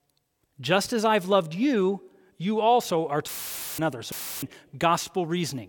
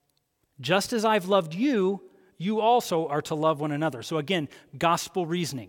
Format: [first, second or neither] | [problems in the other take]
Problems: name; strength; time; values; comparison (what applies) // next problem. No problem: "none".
second | audio cutting out; filled with static; at 3.5 s for 0.5 s and at 4 s